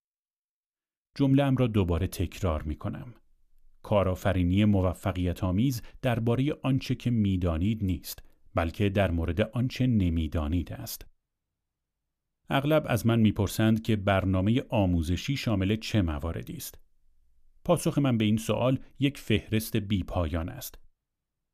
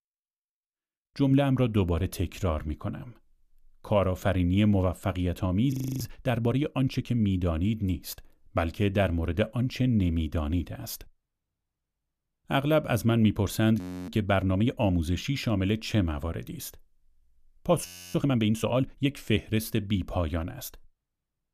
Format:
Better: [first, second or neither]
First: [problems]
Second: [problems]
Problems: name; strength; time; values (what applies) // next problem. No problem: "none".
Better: first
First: none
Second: audio freezing; at 5.5 s, at 14 s and at 18 s